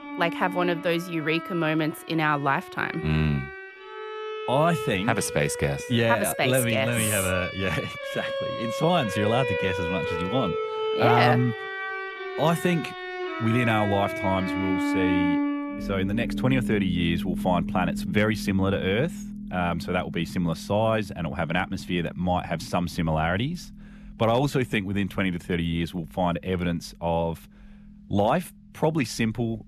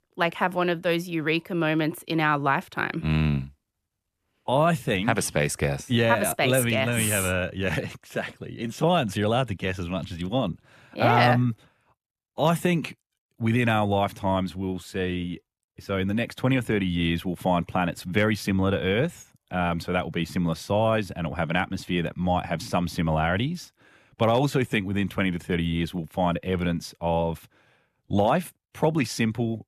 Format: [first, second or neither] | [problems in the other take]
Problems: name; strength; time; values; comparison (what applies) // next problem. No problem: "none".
second | background music; loud; throughout; 5 dB below the speech